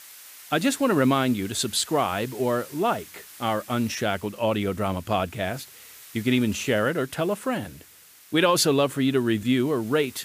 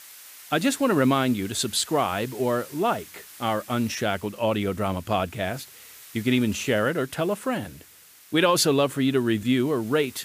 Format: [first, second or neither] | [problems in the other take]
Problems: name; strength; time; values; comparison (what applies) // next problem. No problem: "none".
neither | hiss; noticeable; throughout; 20 dB below the speech; the same in both